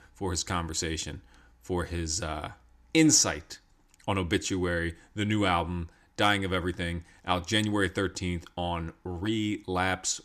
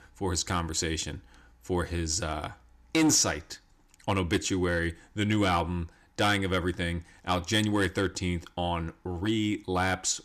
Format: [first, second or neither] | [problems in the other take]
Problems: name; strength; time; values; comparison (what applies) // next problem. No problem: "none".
first | distortion; slight; 2% of the sound clipped